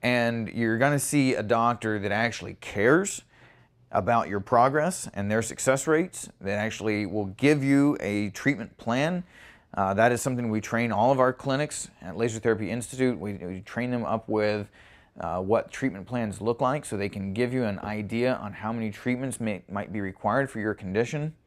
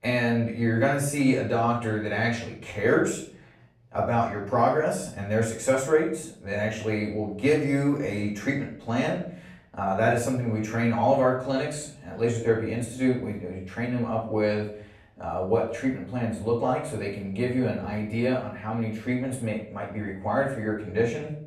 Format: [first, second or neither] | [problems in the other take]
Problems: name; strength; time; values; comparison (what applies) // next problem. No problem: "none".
first | off-mic speech; far // room echo; slight; dies away in 0.5 s